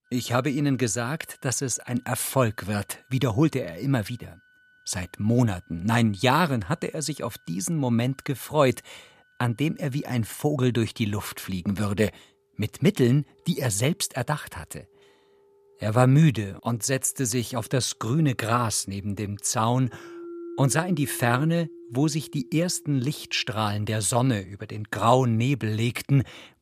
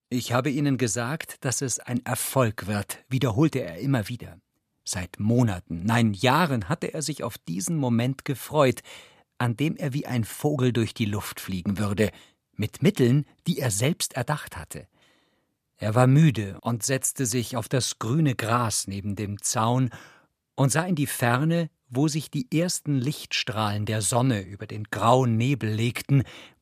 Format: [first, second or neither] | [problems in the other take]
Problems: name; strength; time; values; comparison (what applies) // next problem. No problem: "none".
second | background music; faint; throughout; 25 dB below the speech